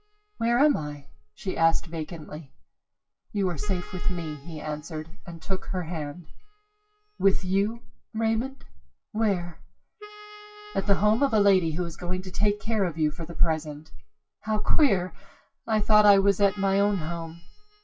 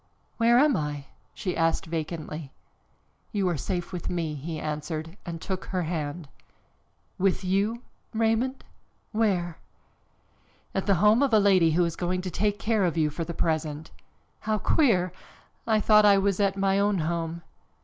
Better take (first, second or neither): second